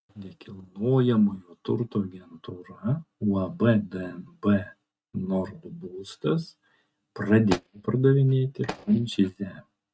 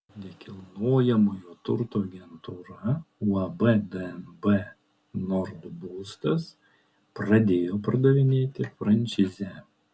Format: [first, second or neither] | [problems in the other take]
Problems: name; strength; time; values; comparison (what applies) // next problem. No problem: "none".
second | noise reduction (neural mask model RNNoise)